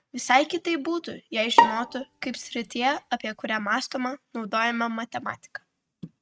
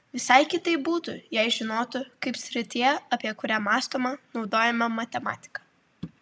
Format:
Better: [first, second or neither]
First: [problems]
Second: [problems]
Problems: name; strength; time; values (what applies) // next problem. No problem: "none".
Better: second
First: noise reduction (neural mask model RNNoise)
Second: none